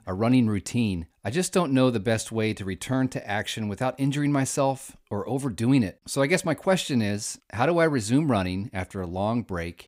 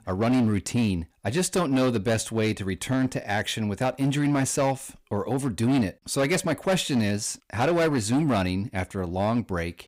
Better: first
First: none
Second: distortion; slight; 10% of the sound clipped

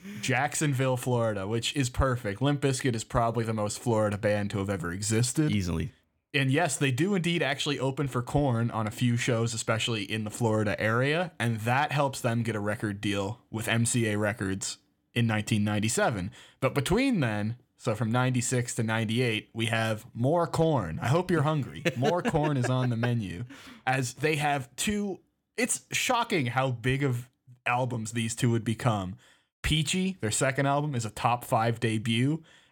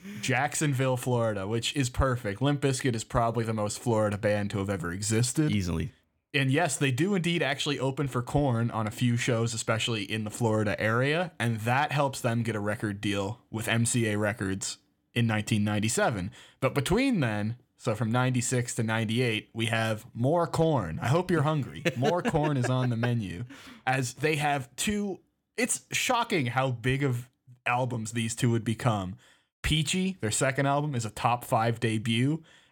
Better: neither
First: none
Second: none

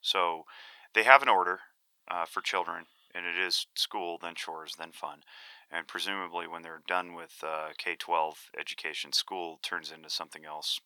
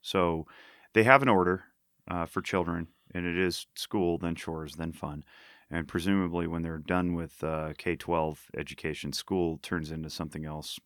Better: second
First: thin; very; fading below 800 Hz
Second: none

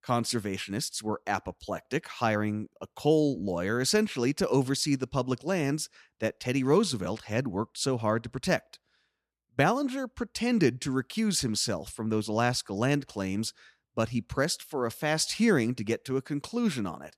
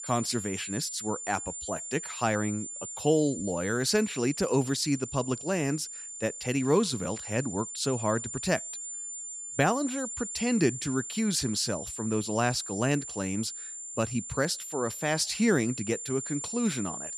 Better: first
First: none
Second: high-pitched whine; loud; throughout; 7 kHz, 7 dB below the speech

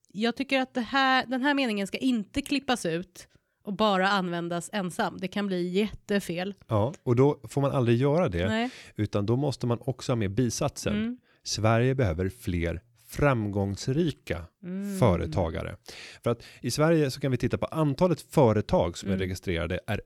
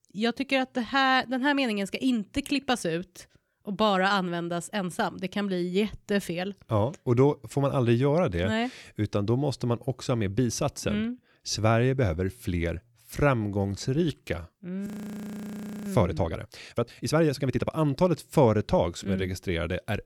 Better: first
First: none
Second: audio freezing; at 15 s for 1 s

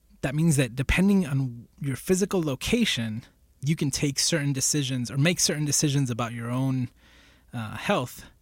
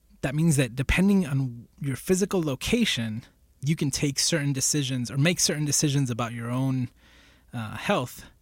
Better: neither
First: none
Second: none

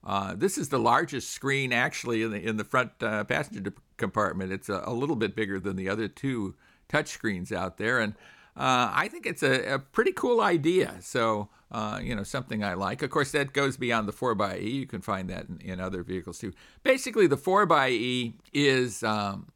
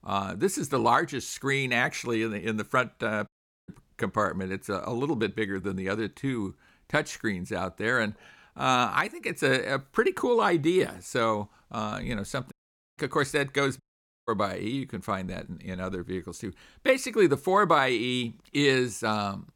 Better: first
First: none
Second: audio cutting out; at 3.5 s, at 13 s and at 14 s

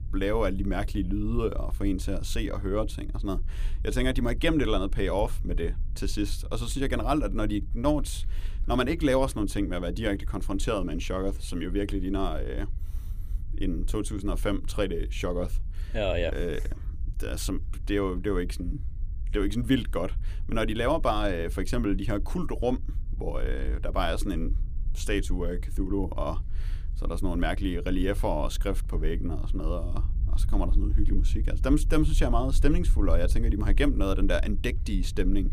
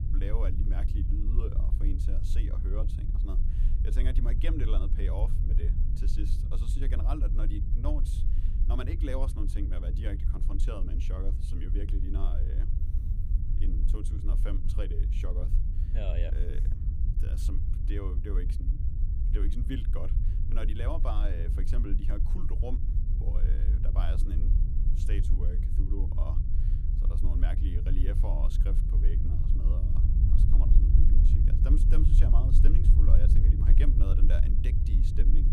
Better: first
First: low rumble; faint; throughout; 25 dB below the speech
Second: low rumble; loud; throughout; 3 dB below the speech

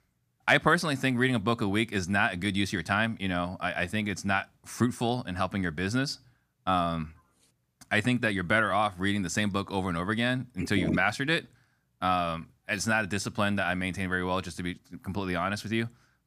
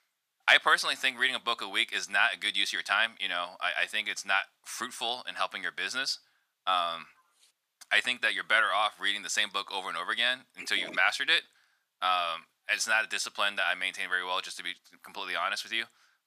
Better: first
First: none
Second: thin; very; fading below 850 Hz

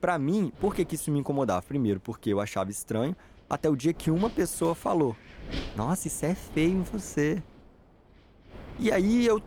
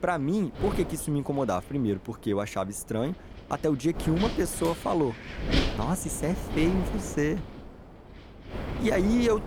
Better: first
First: wind noise on the microphone; occasional gusts; 15 dB below the speech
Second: wind noise on the microphone; heavy; 6 dB below the speech

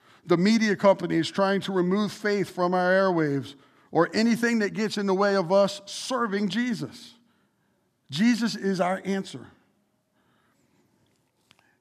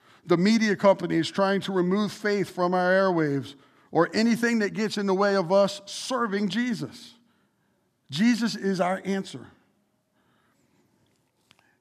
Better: neither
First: none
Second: none

